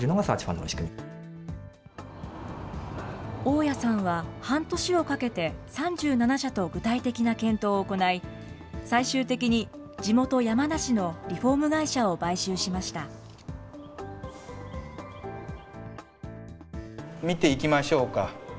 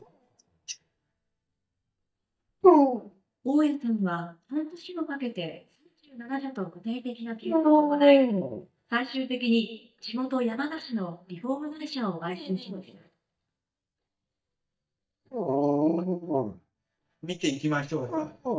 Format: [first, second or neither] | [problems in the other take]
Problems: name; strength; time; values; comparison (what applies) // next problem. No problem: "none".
first | noise reduction (neural mask model DeepFilterNet 3)